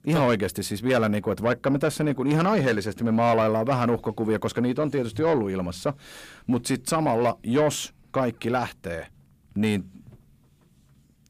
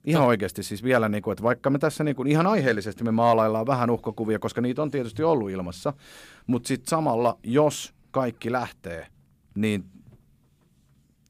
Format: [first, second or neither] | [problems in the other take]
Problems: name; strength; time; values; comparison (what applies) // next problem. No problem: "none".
second | distortion; slight; 10 dB below the speech